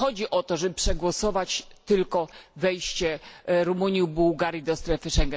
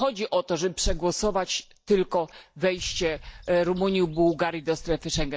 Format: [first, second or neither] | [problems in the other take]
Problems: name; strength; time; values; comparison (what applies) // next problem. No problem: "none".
first | noise reduction (neural mask model DeepFilterNet 3)